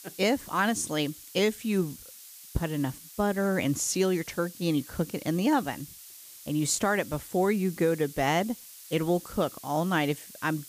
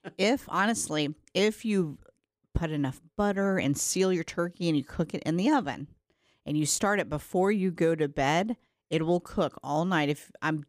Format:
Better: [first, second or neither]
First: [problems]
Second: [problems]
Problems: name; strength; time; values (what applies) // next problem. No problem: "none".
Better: second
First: hiss; noticeable; throughout; 15 dB below the speech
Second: none